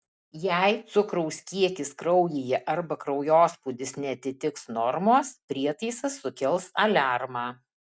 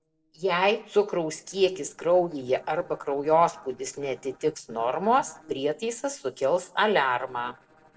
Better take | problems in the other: first | noise reduction (neural separator model SepFormer DNS4)

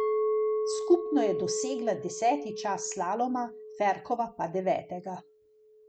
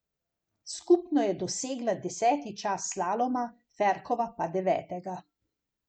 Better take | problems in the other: second | background sound (Chink, clink); 3 dB below the speech

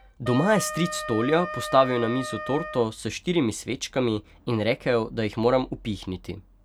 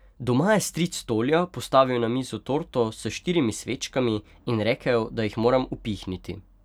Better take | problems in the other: second | background sound (Wind instrument, woodwind instrument); 12 dB below the speech

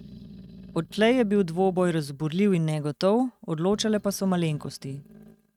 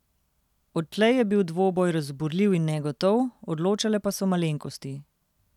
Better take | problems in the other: second | noise reduction (neural mask model RNNoise)

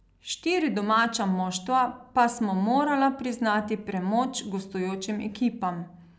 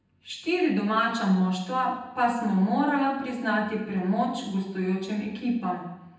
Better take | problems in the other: first | room echo; dies away in 0.9 s

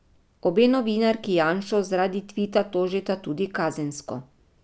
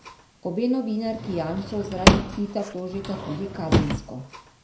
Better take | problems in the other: first | background sound (Drawer open or close / Wood); 3 dB above the speech // room echo; dies away in 0.5 s

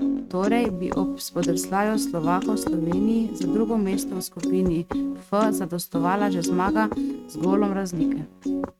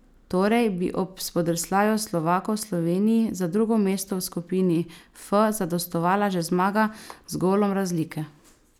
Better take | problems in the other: second | noise reduction (neural mask model RNNoise)

